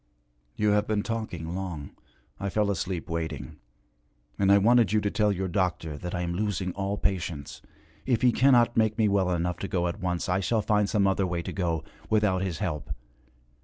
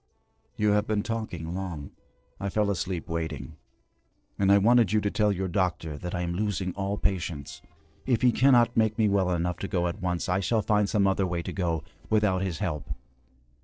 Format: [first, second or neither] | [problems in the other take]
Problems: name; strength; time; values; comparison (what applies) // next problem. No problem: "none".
first | noise reduction (neural separator model SepFormer DNS4)